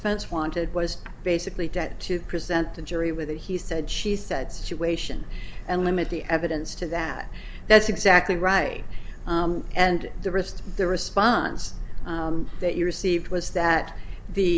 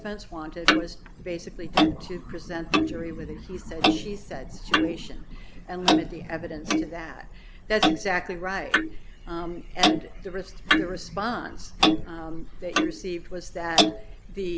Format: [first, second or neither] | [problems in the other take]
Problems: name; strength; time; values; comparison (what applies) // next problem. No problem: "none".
first | background sound (Clock); 5 dB above the speech